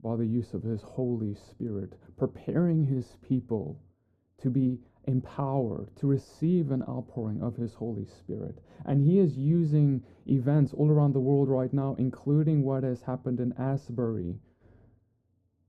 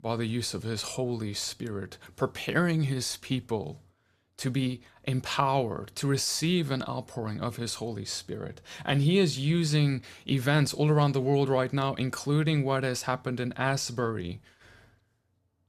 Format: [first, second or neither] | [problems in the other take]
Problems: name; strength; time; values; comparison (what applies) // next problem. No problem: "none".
second | muffled; very; fading above 1 kHz